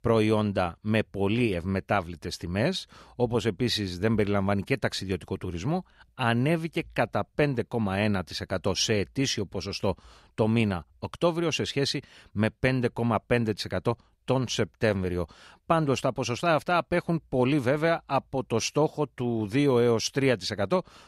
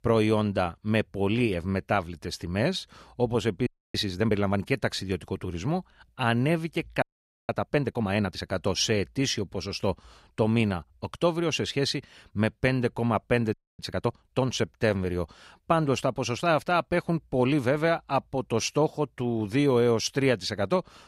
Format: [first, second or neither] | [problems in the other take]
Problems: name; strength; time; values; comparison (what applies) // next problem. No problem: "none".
first | audio freezing; at 3.5 s, at 7 s and at 14 s